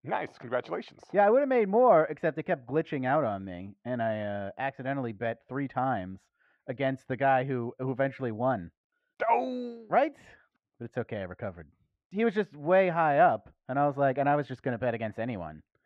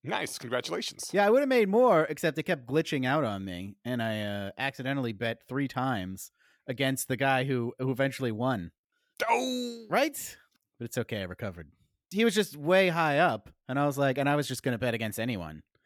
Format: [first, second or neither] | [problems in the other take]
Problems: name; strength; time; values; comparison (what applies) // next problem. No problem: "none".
second | muffled; very; fading above 1.5 kHz